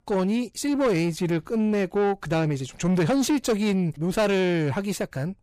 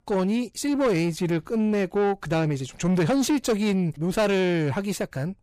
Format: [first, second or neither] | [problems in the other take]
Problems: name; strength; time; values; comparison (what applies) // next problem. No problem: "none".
neither | distortion; slight; 10 dB below the speech; the same in both